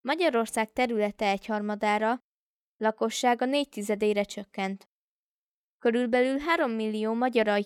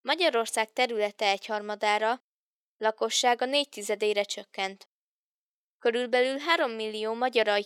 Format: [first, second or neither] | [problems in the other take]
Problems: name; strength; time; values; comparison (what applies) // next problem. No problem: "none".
first | thin; somewhat; fading below 450 Hz